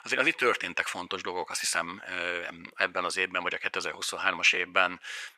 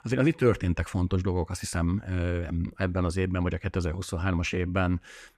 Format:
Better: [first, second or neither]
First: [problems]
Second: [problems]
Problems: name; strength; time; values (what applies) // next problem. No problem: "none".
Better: second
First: thin; very; fading below 750 Hz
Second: none